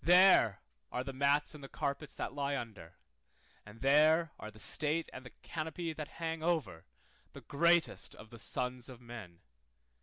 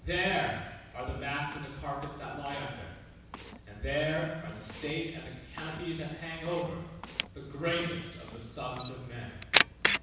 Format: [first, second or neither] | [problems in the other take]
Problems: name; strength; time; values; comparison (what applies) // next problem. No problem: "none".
first | background sound (Camera); 2 dB below the speech // room echo; dies away in 1.1 s